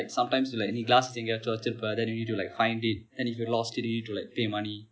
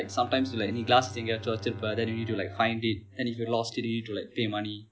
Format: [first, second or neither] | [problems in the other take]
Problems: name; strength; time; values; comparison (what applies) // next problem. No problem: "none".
first | background sound (Bowed string instrument); 15 dB below the speech